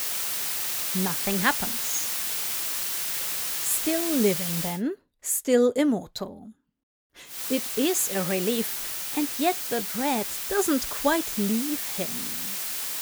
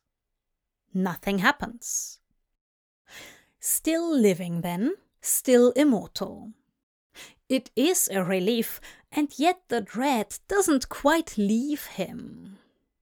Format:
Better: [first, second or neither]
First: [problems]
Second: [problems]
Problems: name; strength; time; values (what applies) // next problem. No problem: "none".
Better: second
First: hiss; loud; until 4.5 s and from 7.5 s on; as loud as the speech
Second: none